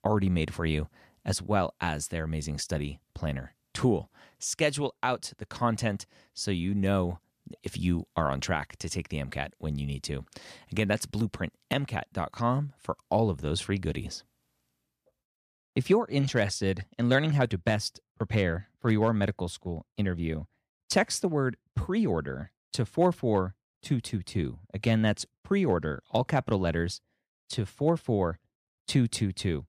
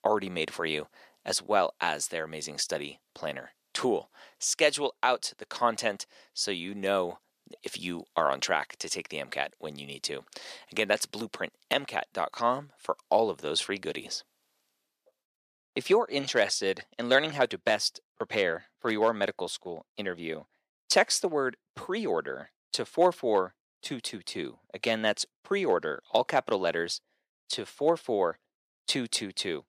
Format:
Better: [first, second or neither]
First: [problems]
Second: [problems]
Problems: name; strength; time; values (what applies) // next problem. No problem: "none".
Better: first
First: none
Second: thin; somewhat; fading below 450 Hz